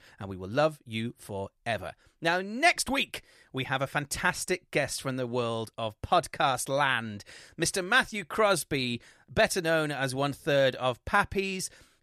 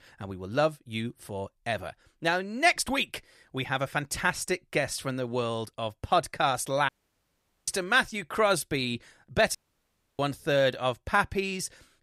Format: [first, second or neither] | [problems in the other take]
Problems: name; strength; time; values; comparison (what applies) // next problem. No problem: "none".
first | audio cutting out; at 7 s for 1 s and at 9.5 s for 0.5 s